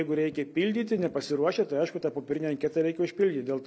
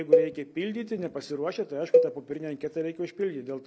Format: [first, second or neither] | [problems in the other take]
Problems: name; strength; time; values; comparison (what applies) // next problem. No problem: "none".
first | background sound (Cowbell); 4 dB above the speech